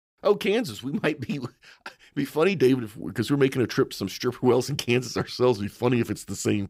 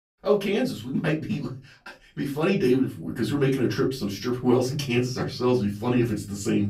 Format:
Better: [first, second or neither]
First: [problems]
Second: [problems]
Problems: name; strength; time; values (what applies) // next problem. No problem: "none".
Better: first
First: none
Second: off-mic speech; far // room echo; very slight; dies away in 0.3 s